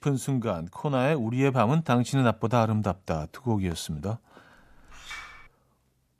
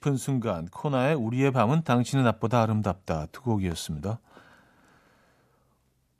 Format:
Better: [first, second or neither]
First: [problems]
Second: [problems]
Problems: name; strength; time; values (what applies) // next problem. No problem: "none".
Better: second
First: clattering dishes; faint; at 4.5 s; peak 15 dB below the speech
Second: none